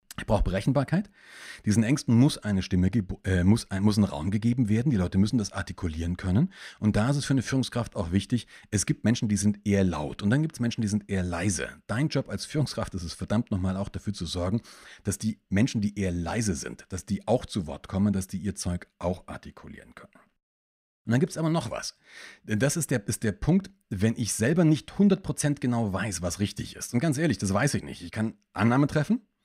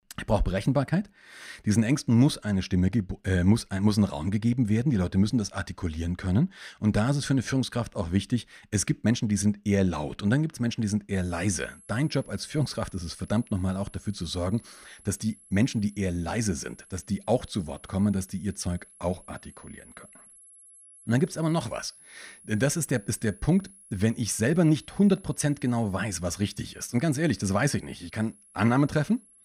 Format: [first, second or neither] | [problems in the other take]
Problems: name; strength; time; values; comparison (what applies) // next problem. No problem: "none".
first | high-pitched whine; faint; from 11 s on; 11 kHz, 25 dB below the speech